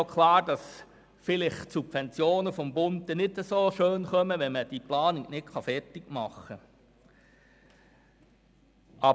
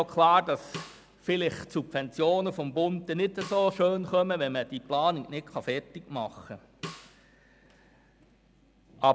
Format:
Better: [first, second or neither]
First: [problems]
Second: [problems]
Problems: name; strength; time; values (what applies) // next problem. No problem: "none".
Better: first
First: none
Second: background sound (Snare drum); 18 dB below the speech